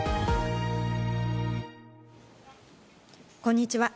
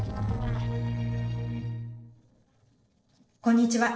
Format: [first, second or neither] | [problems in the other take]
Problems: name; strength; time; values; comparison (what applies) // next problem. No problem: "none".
first | noise reduction (neural separator model SepFormer DNS4)